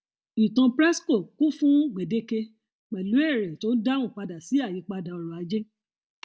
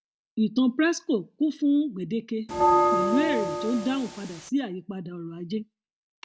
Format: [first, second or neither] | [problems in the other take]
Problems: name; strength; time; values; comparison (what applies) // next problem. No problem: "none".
first | background sound (Bell); 3 dB above the speech